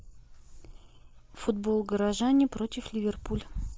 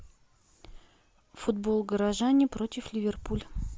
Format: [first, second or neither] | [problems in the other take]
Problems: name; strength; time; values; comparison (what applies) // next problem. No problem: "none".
second | noise reduction (neural mask model Resemble Enhance denoiser)